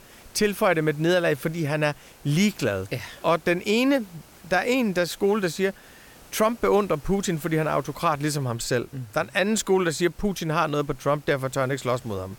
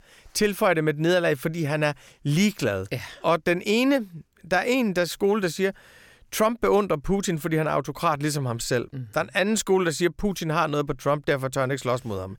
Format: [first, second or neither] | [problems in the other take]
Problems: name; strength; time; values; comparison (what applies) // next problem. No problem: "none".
second | hiss; faint; throughout; 25 dB below the speech